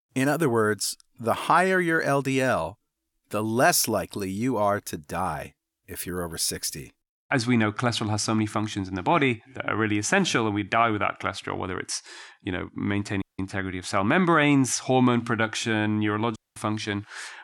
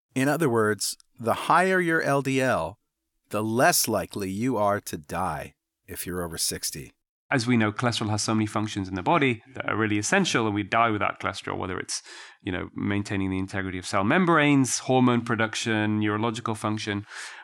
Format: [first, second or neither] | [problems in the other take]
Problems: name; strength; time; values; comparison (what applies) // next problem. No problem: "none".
second | audio cutting out; at 13 s and at 16 s